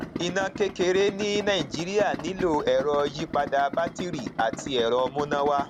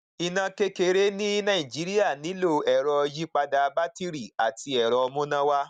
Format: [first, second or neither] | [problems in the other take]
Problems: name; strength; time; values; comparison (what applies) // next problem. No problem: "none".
second | background sound (Idling); 10 dB below the speech